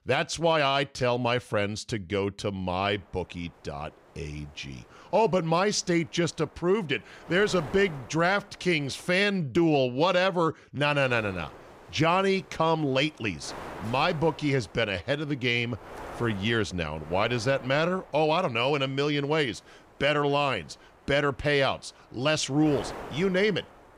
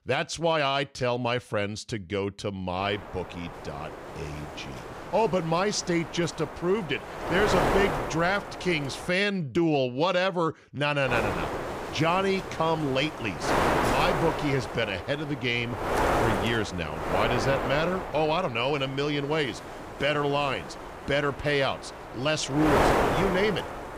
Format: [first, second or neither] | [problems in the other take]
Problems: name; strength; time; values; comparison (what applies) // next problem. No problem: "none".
first | wind noise on the microphone; heavy; from 3 to 9 s and from 11 s on; 3 dB below the speech; occasional gusts in the first